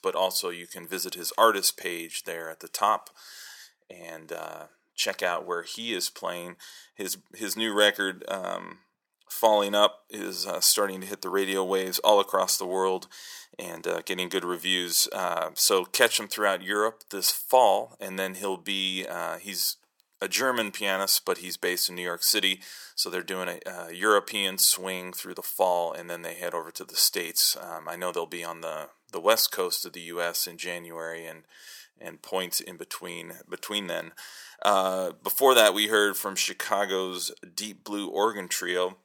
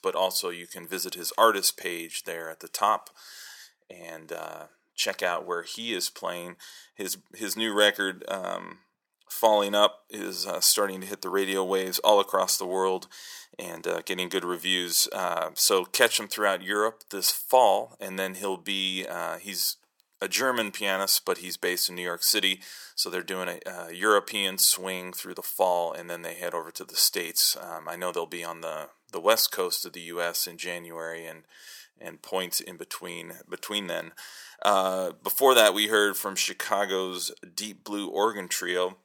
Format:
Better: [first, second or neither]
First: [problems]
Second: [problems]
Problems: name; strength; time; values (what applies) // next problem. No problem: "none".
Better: neither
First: thin; somewhat; fading below 350 Hz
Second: thin; somewhat; fading below 350 Hz